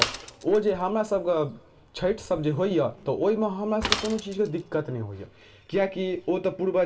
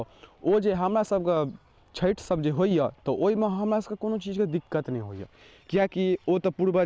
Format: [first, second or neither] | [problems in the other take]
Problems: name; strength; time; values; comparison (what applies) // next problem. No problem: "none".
second | background sound (Mechanisms / Bicycle); 10 dB below the speech // room echo; dies away in 0.5 s